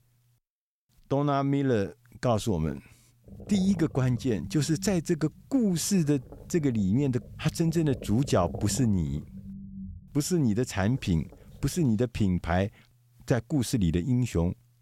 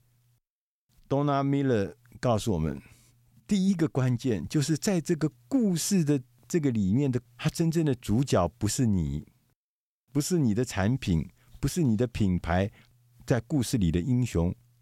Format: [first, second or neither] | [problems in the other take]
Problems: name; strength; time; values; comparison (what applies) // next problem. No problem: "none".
second | low rumble; noticeable; from 3.5 to 12 s; 20 dB below the speech